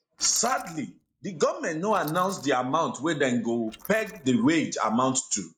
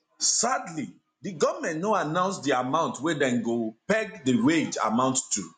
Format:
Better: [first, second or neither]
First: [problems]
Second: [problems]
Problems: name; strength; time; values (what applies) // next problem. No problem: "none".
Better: second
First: noise reduction (neural mask model Resemble Enhance denoiser)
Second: none